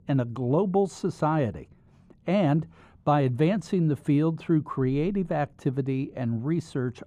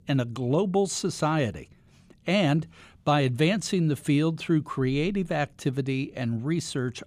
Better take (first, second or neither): second